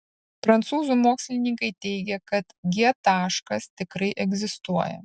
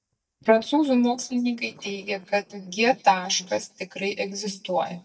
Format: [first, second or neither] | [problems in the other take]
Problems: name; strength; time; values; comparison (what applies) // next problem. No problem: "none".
first | noise reduction (neural mask model DeepFilterNet 3)